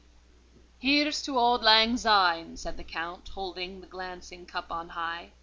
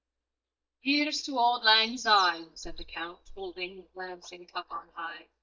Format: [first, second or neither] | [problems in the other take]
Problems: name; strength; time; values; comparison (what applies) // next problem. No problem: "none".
first | noise reduction (neural mask model DeepFilterNet 3)